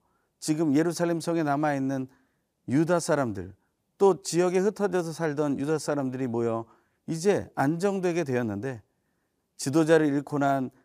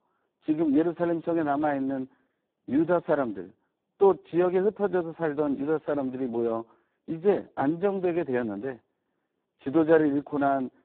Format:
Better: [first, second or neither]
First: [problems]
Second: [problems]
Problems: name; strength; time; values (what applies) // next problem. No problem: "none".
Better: first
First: none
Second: phone-call audio; poor line